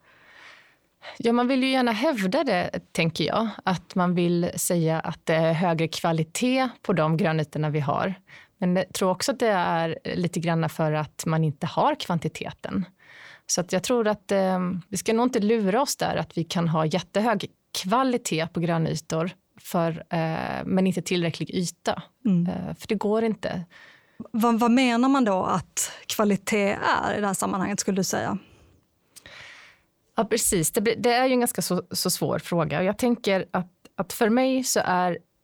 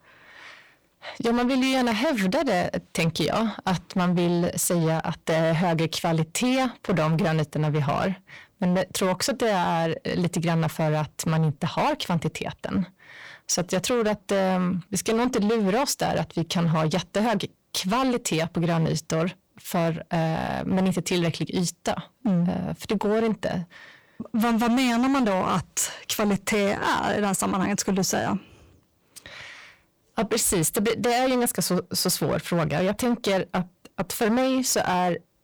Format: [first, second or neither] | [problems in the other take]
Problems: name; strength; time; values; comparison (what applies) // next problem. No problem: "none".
first | distortion; slight; 17% of the sound clipped